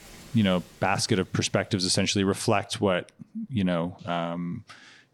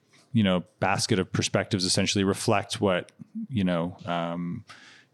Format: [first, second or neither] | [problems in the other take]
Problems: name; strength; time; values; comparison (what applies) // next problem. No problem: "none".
second | wind in the background; faint; throughout; 25 dB below the speech